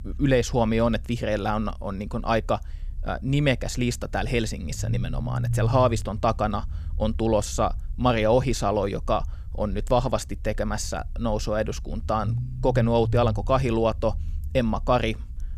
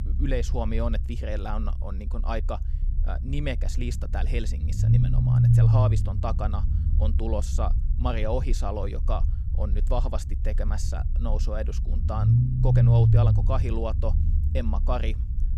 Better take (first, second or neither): first